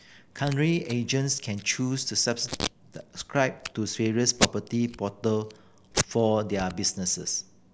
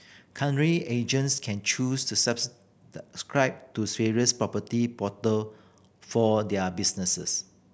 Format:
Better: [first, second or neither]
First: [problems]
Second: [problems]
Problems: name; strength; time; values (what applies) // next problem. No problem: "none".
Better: second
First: background sound (Packing tape, duct tape); 9 dB below the speech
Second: none